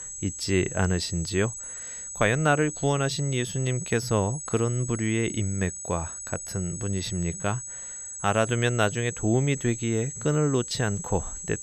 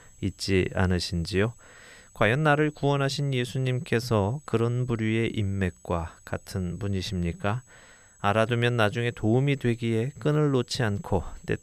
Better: second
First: high-pitched whine; loud; throughout; 8 kHz, 8 dB below the speech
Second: high-pitched whine; faint; throughout; 8 kHz, 30 dB below the speech

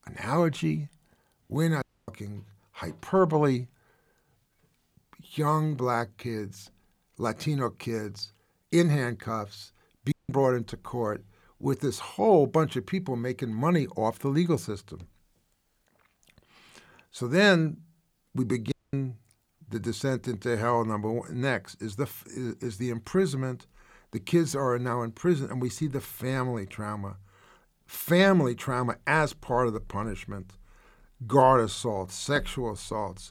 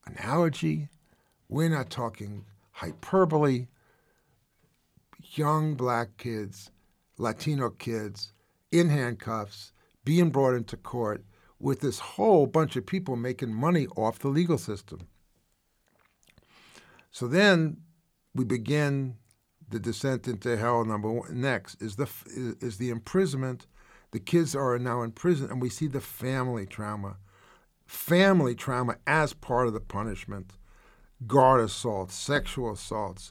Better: second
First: audio cutting out; at 2 s, at 10 s and at 19 s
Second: none

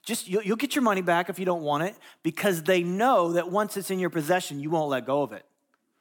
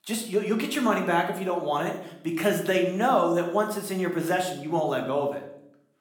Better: first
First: none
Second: room echo; slight; dies away in 0.6 s

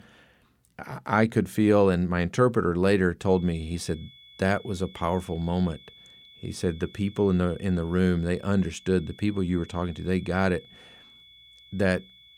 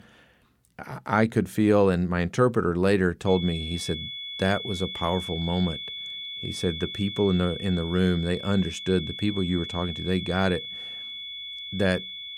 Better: first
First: high-pitched whine; faint; from 3.5 s on; 3.5 kHz, 25 dB below the speech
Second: high-pitched whine; loud; from 3.5 s on; 3.5 kHz, 8 dB below the speech

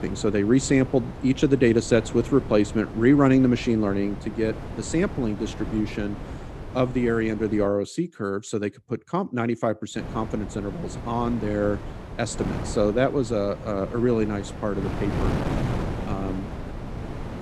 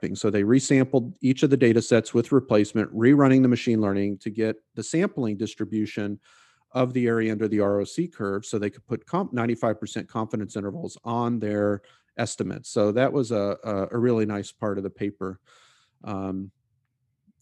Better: second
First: wind noise on the microphone; occasional gusts; until 7.5 s and from 10 s on; 10 dB below the speech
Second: none

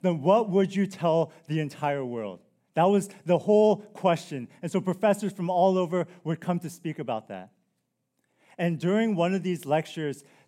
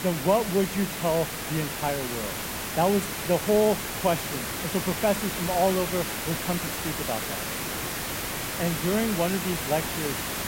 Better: first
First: none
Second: hiss; loud; throughout; 3 dB below the speech

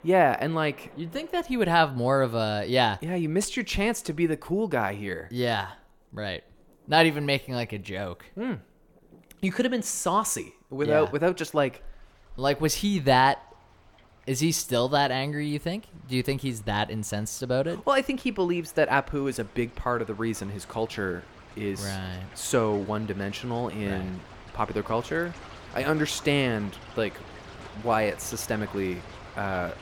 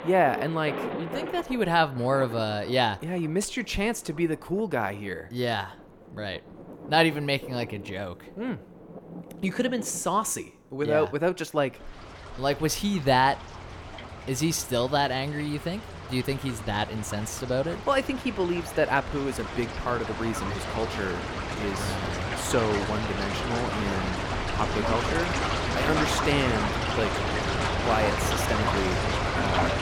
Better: first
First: rain or running water; faint; throughout; 20 dB below the speech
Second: rain or running water; loud; throughout; 3 dB below the speech

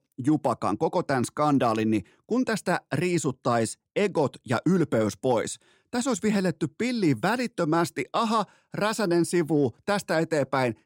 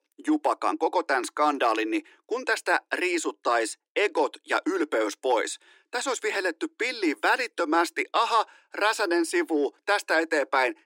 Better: first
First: none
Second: thin; very; fading below 300 Hz

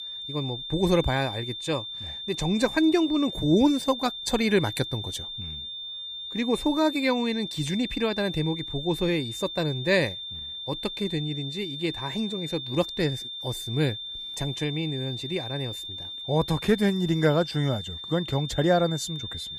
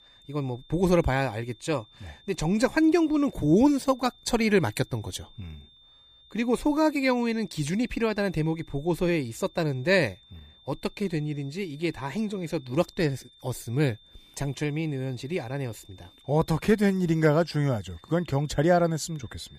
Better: second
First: high-pitched whine; loud; throughout; 3.5 kHz, 7 dB below the speech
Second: high-pitched whine; faint; throughout; 3.5 kHz, 25 dB below the speech

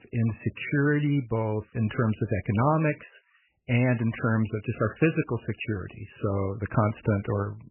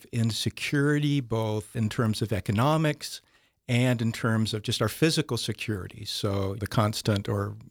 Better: second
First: garbled, watery; badly; nothing above 3 kHz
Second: none

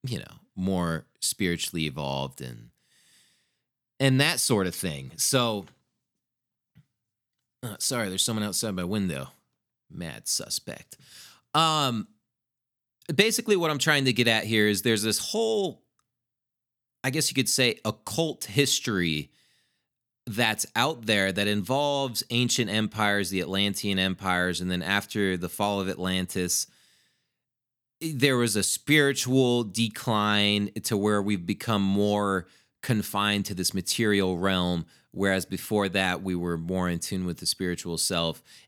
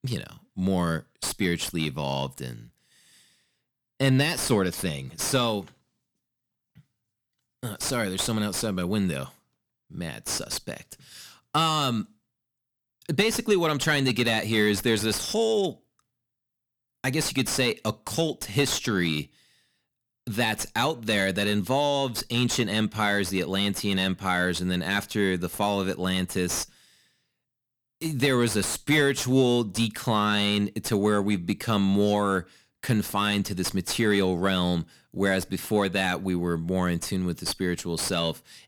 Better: first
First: none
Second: distortion; slight; 10 dB below the speech

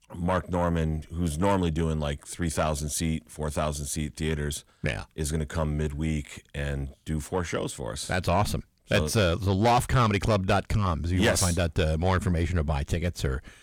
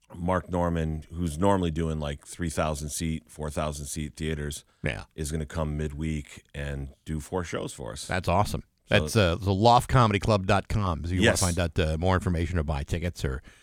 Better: second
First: distortion; slight; 10 dB below the speech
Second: none

